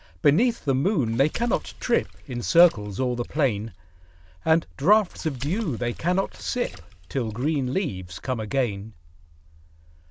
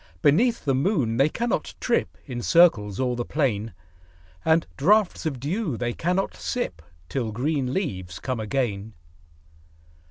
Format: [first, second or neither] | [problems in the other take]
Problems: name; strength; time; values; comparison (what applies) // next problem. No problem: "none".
second | background sound (Water / Splash, splatter); 14 dB below the speech